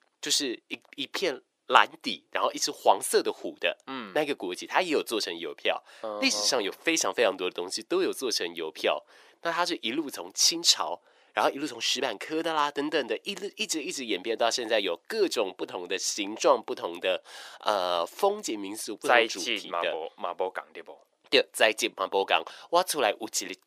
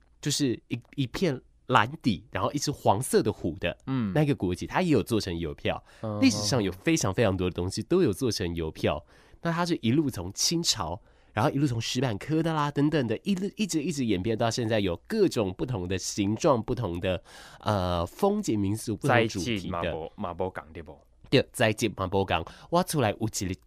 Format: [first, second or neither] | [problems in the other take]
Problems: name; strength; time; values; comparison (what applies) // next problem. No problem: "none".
second | thin; very; fading below 400 Hz